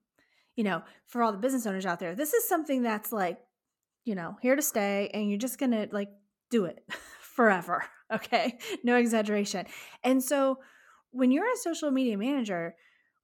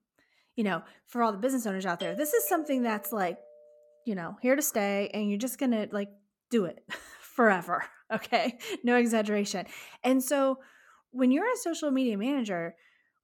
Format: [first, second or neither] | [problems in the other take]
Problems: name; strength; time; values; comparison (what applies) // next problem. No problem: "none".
first | doorbell; noticeable; from 2 to 3.5 s; peak 10 dB below the speech